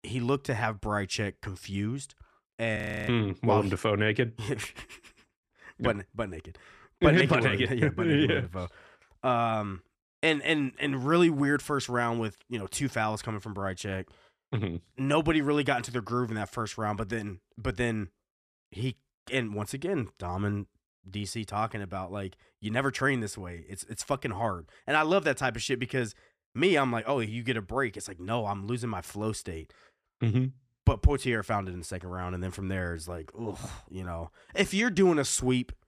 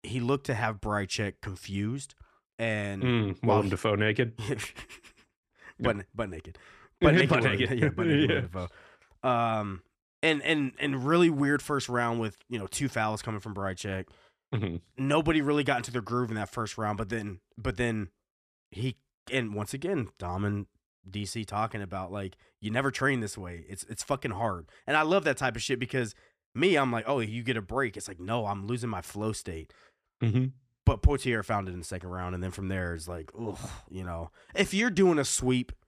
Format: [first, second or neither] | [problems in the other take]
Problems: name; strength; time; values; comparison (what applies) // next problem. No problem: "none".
second | audio freezing; at 3 s